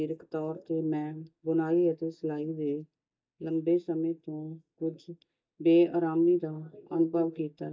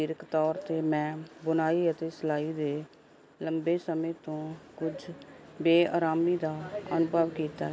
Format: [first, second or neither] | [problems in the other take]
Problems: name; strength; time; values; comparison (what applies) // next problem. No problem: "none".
second | noise reduction (neural mask model DeepFilterNet 3)